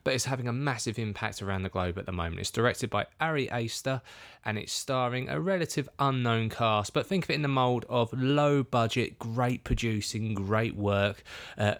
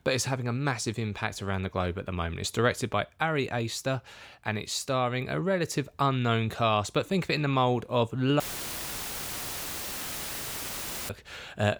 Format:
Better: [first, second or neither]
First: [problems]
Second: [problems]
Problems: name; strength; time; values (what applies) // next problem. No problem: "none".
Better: first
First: none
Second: audio cutting out; filled with static; at 8.5 s for 2.5 s